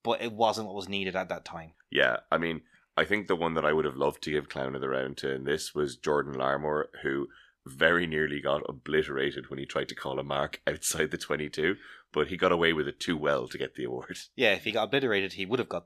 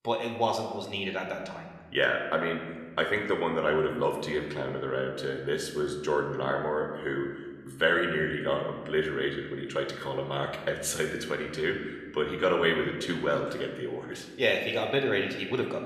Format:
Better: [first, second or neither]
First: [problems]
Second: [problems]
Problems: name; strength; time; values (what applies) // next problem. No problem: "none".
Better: first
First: none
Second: room echo; slight; dies away in 1.2 s